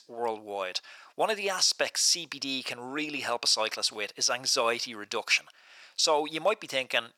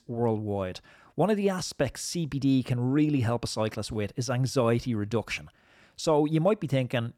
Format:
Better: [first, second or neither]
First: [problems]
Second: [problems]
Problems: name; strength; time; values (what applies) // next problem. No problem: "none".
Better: second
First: thin; very; fading below 750 Hz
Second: none